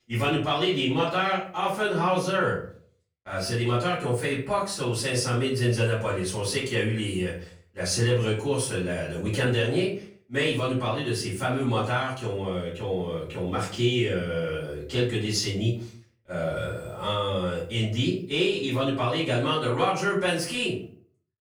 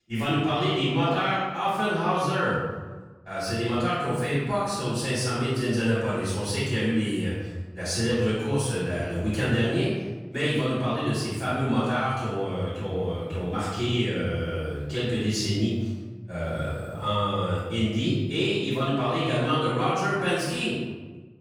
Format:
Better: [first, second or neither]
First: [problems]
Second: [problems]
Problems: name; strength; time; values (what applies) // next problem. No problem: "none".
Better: first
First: room echo; slight; dies away in 0.4 s // off-mic speech; far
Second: room echo; strong; dies away in 1.3 s // off-mic speech; far